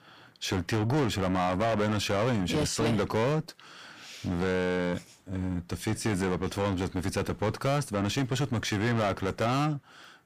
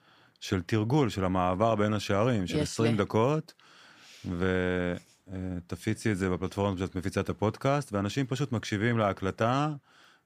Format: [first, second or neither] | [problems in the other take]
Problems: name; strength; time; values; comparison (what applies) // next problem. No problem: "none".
second | distortion; heavy; 6 dB below the speech